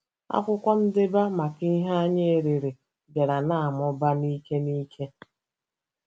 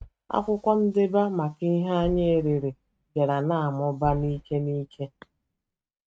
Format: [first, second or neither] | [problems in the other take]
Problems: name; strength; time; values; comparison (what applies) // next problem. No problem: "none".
first | noise reduction (neural mask model RNNoise)